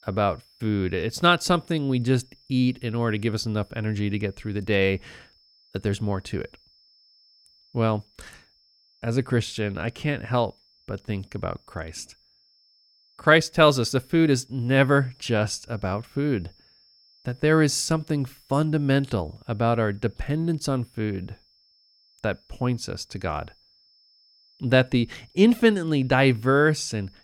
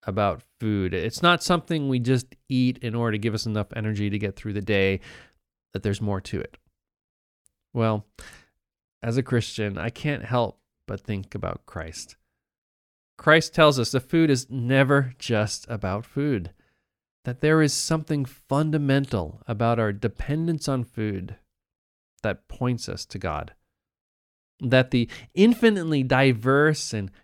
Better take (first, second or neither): second